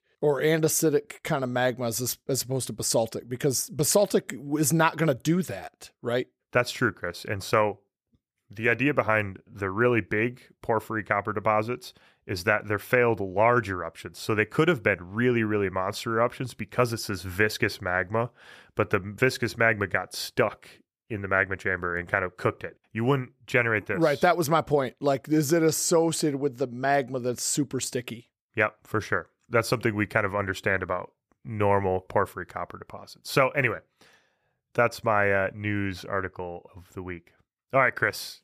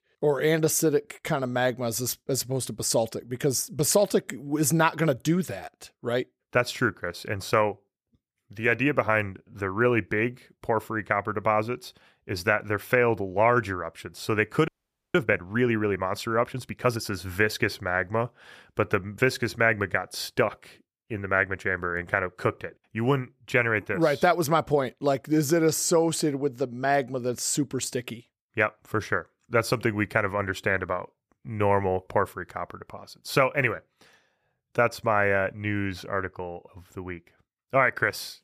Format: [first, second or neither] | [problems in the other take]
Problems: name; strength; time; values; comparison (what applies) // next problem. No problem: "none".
first | audio freezing; at 15 s